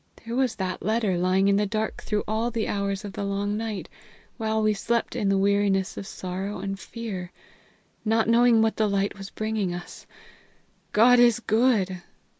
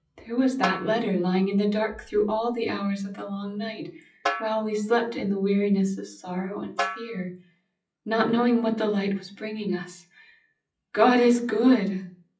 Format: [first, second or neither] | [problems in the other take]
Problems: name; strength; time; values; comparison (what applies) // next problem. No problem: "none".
first | noise reduction (classical method WPE with log-MMSE)